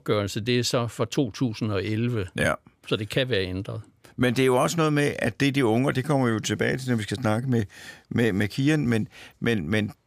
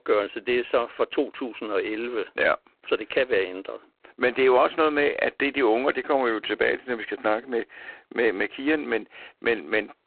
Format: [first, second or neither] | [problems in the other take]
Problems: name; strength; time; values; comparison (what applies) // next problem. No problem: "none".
first | phone-call audio; poor line